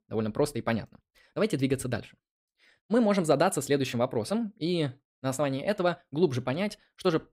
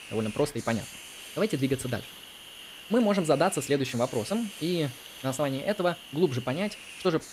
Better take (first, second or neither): first